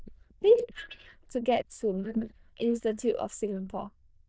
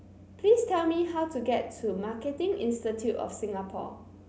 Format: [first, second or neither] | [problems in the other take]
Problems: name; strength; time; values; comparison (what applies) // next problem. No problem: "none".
second | noise reduction (neural diffusion model UNIVERSE++)